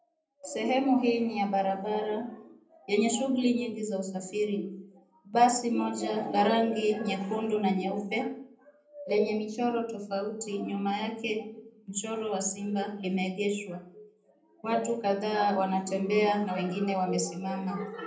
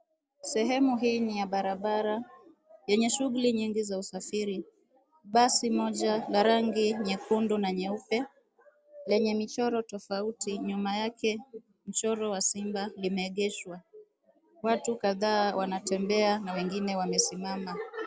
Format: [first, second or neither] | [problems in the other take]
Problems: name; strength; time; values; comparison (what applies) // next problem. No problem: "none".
second | room echo; dies away in 0.6 s